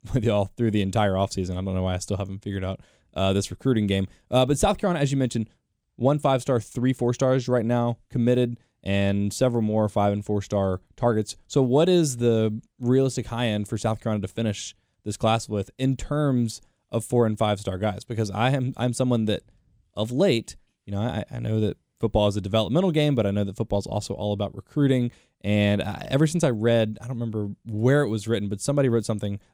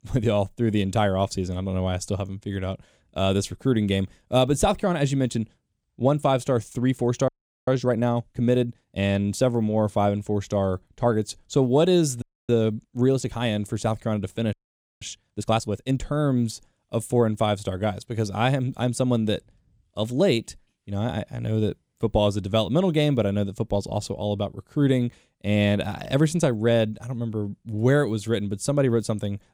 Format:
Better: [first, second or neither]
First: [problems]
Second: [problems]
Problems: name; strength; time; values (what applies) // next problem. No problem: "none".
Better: first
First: none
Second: audio freezing; at 7.5 s, at 12 s and at 15 s